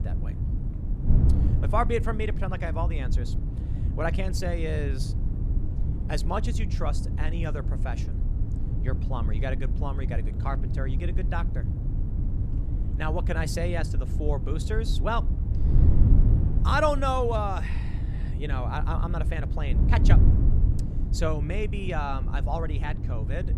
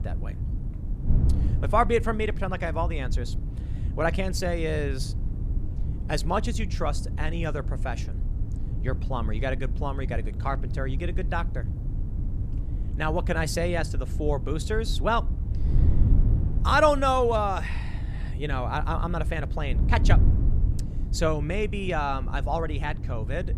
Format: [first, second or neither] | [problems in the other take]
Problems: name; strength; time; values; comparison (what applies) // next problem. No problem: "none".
second | wind noise on the microphone; heavy; 10 dB below the speech; occasional gusts in the second